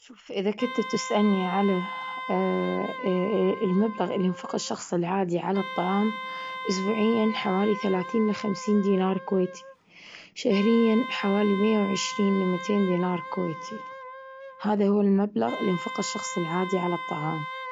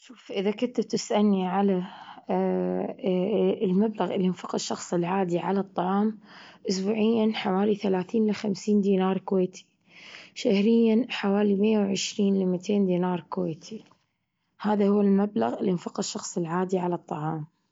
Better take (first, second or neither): second